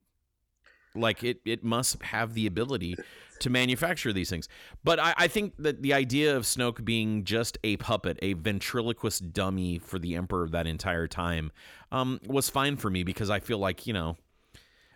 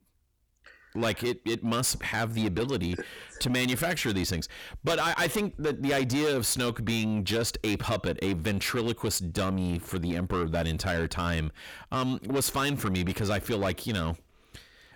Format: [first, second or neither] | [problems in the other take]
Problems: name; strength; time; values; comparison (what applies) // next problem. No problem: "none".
first | distortion; heavy; 8 dB below the speech